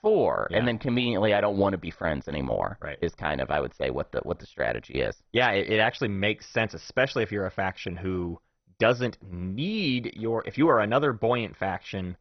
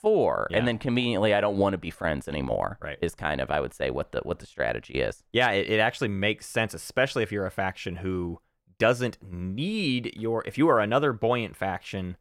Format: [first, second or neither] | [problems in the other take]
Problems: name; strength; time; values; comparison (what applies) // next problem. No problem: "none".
second | garbled, watery; badly; nothing above 6 kHz